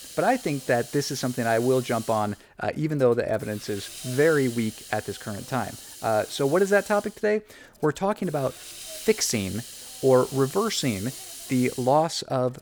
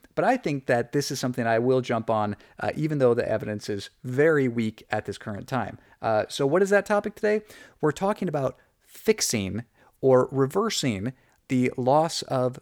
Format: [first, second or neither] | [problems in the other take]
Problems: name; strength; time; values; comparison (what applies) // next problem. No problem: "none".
second | hiss; noticeable; throughout; 15 dB below the speech